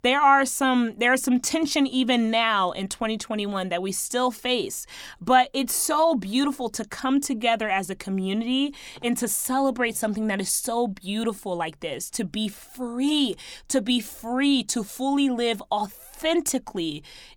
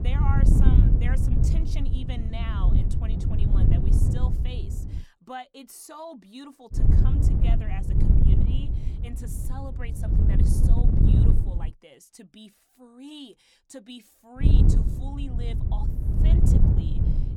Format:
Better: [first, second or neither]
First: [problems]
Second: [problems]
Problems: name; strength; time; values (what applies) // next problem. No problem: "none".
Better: first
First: none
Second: wind noise on the microphone; heavy; until 5 s, from 7 to 12 s and from 14 s on; 4 dB above the speech